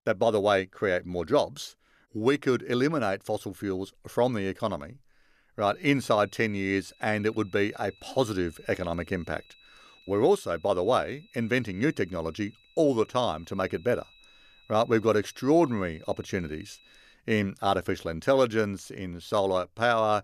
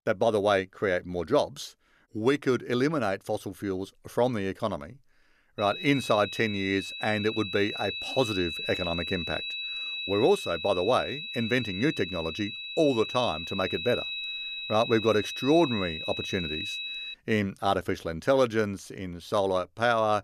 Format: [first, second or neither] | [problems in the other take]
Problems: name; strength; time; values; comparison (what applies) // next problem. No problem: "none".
first | high-pitched whine; loud; from 5.5 to 17 s; 4 kHz, 6 dB below the speech; faint in the first